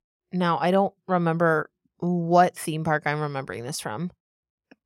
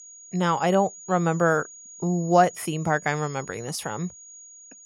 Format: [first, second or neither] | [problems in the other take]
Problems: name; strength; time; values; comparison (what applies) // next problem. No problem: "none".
first | high-pitched whine; noticeable; throughout; 6.5 kHz, 15 dB below the speech